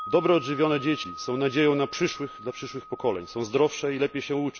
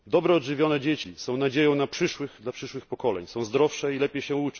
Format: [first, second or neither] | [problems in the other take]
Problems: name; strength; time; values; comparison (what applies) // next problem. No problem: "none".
second | background sound (Wind chime); 15 dB below the speech